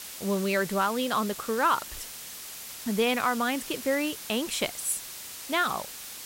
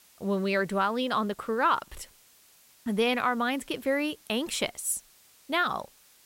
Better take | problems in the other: second | hiss; loud; throughout; 10 dB below the speech; faint in the second

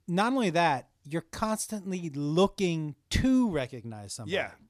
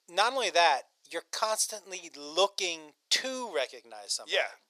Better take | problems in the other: first | thin; very; fading below 500 Hz

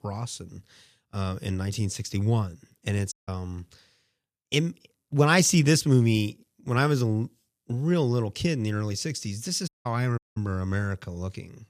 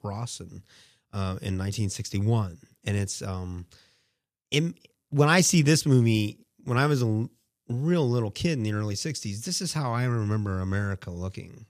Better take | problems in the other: second | audio cutting out; at 3 s, at 9.5 s and at 10 s

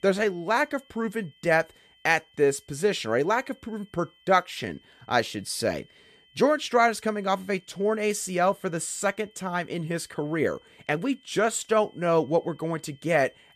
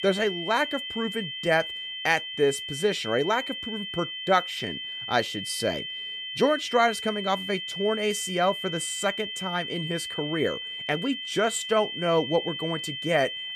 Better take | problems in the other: first | high-pitched whine; loud; throughout; 3 kHz, 5 dB below the speech; faint in the first

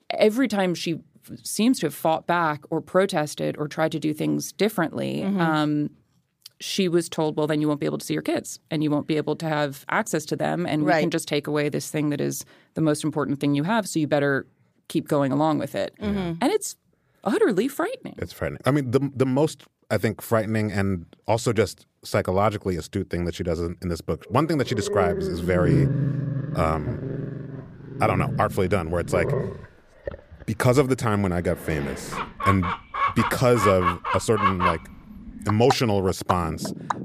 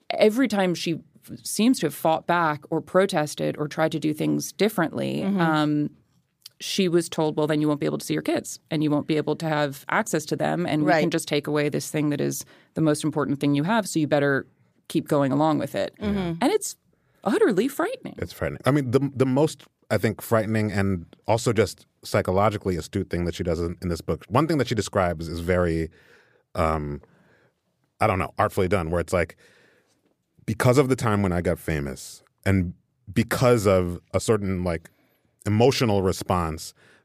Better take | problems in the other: second | animal sounds; loud; from 25 s on; 3 dB below the speech

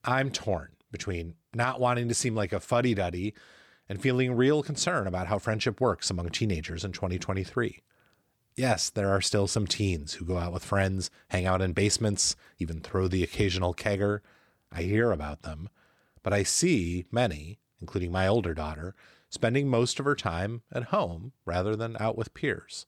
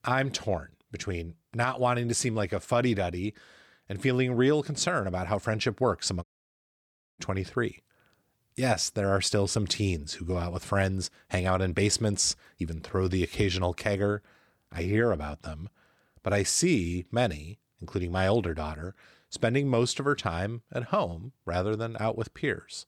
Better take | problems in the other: first | audio cutting out; at 6 s for 1 s

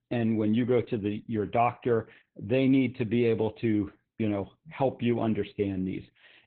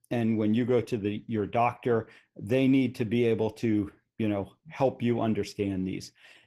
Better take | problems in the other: second | garbled, watery; badly; nothing above 4 kHz; slightly in the second

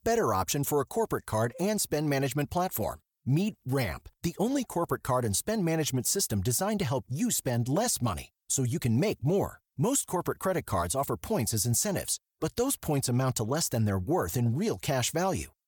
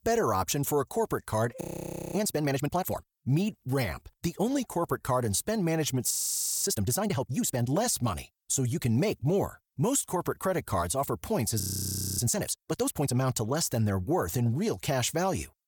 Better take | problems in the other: first | audio freezing; at 1.5 s for 0.5 s, at 6 s for 0.5 s and at 12 s for 0.5 s

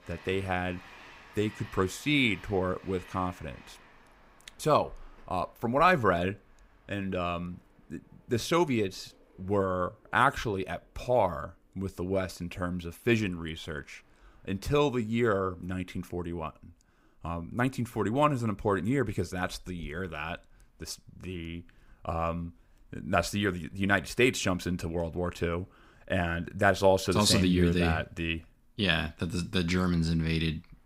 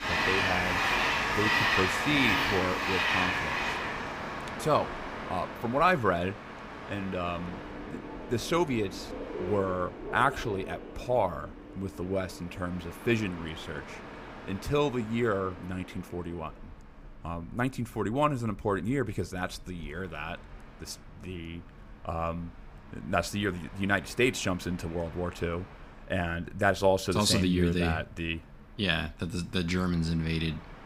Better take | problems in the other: first | train or aircraft noise; loud; throughout; 1 dB below the speech; faint in the first

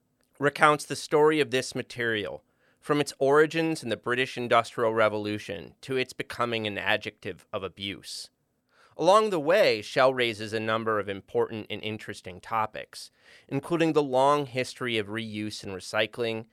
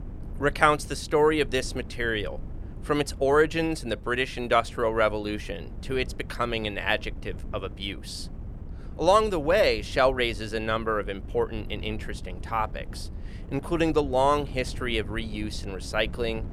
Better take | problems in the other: first | wind noise on the microphone; occasional gusts; 25 dB below the speech

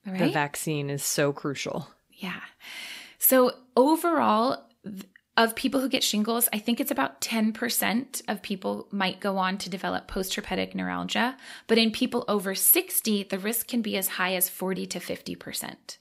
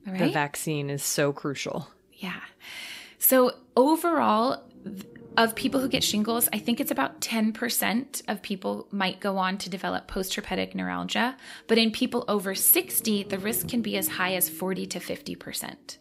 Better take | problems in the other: first | low rumble; faint; throughout; 20 dB below the speech

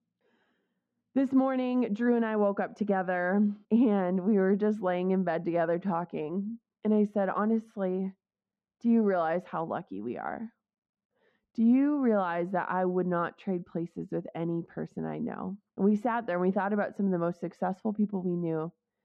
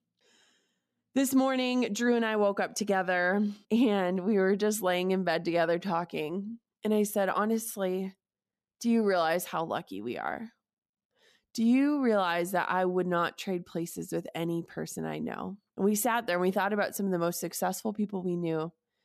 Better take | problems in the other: second | muffled; very; fading above 1.5 kHz

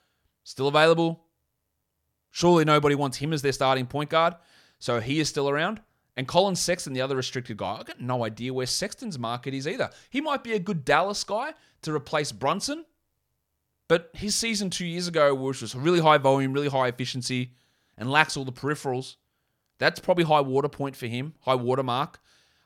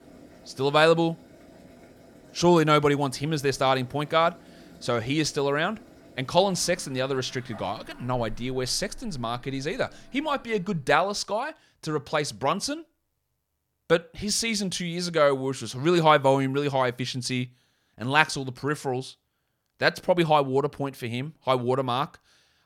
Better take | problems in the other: first | household noises; faint; until 11 s; 25 dB below the speech

